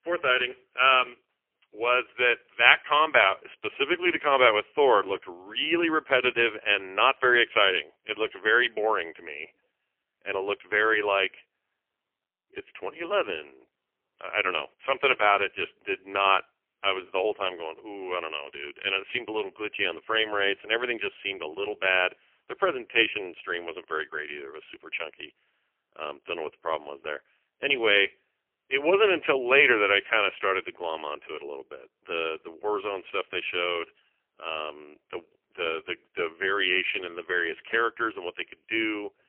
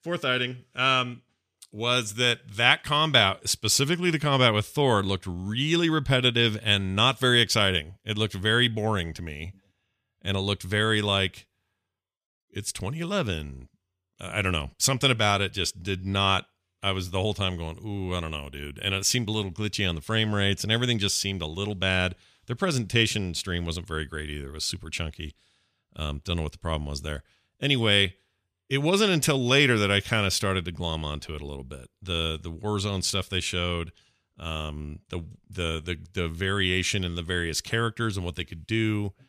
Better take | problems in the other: second | phone-call audio; poor line; nothing above 3 kHz

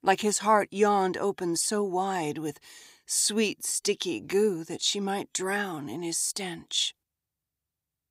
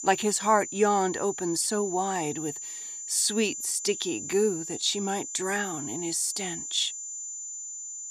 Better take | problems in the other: first | high-pitched whine; loud; throughout; 7 kHz, 7 dB below the speech

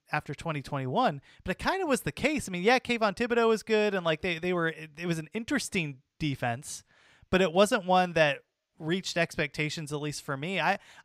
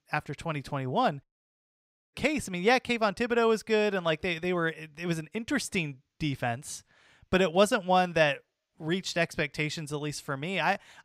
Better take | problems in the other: first | audio cutting out; at 1 s for 1 s

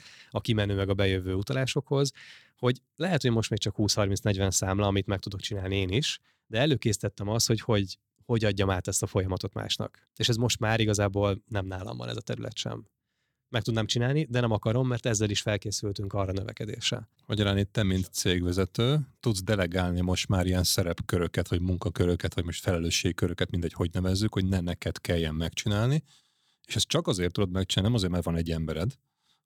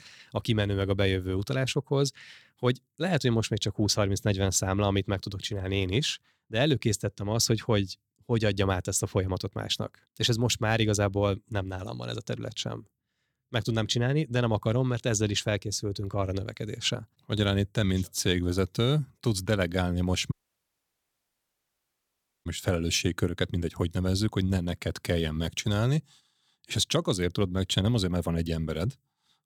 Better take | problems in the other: first | audio cutting out; at 20 s for 2 s

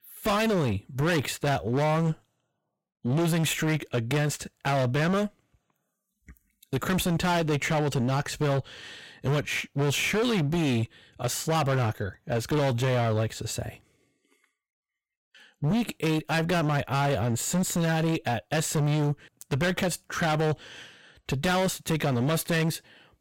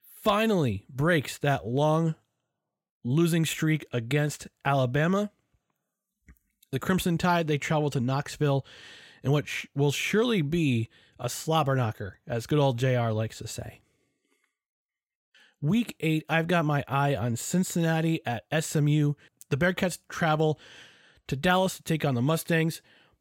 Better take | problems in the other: second | distortion; heavy; 21% of the sound clipped

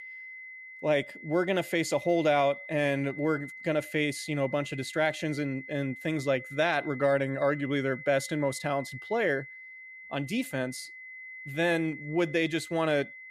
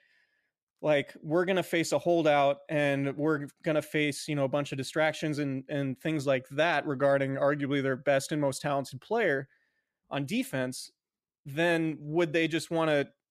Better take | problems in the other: second | high-pitched whine; noticeable; throughout; 2 kHz, 15 dB below the speech

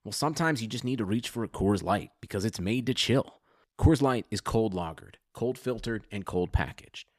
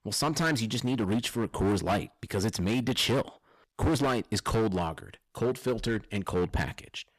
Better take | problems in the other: first | distortion; heavy; 13% of the sound clipped

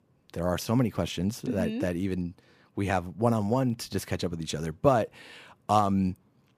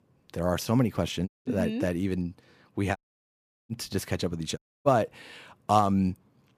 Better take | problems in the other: first | audio cutting out; at 1.5 s, at 3 s for 0.5 s and at 4.5 s

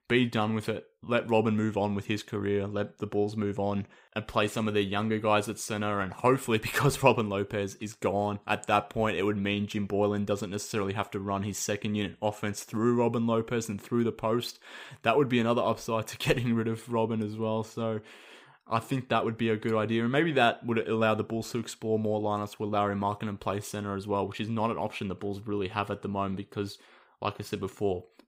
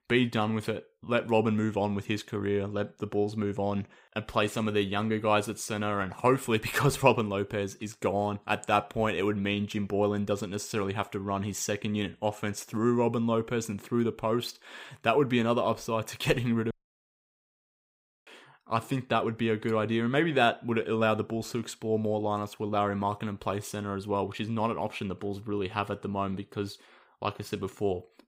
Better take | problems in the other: first | audio cutting out; at 17 s for 1.5 s

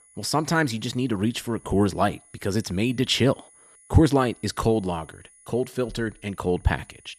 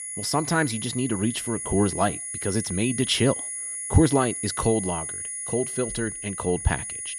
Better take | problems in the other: first | high-pitched whine; loud; throughout; 10 kHz, 5 dB below the speech; faint in the first

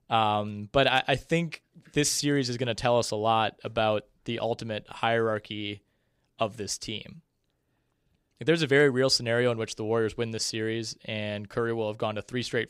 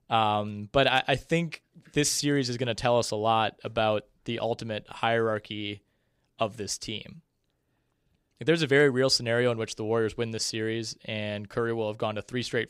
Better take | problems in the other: neither | none

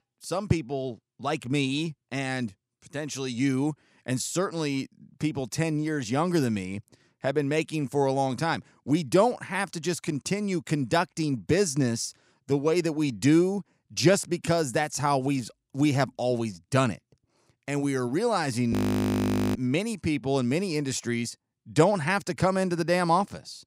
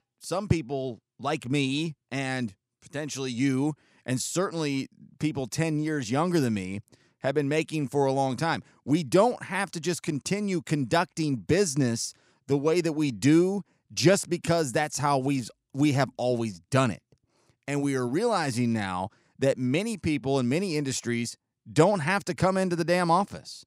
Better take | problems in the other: second | audio freezing; at 19 s for 1 s

